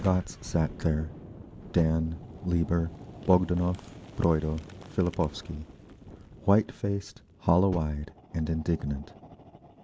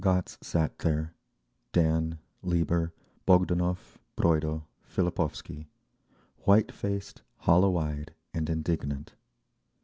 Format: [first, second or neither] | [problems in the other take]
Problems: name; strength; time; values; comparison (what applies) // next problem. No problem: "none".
second | background sound (Fire + Boom); 16 dB below the speech